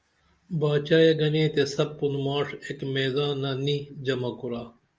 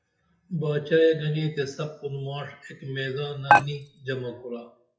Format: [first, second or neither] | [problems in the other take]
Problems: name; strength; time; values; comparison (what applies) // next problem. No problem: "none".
first | noise reduction (classical method WPE with log-MMSE)